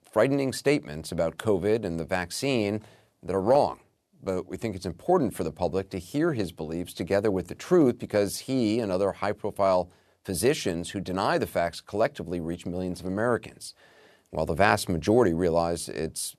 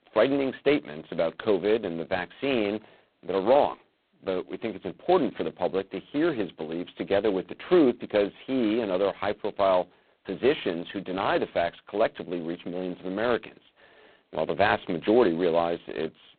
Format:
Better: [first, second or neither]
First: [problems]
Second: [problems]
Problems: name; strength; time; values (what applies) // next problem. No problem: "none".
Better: first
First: none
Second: phone-call audio; poor line; nothing above 4 kHz